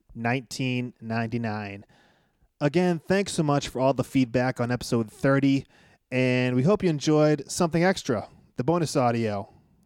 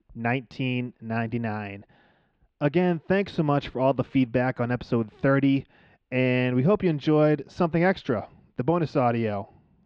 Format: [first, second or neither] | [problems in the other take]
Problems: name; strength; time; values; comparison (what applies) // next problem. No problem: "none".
first | muffled; slightly; fading above 3.5 kHz